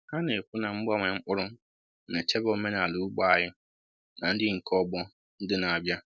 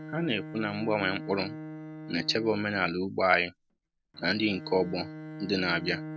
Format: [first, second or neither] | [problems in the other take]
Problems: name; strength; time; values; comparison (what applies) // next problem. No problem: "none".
first | background sound (Bowed string instrument); 11 dB below the speech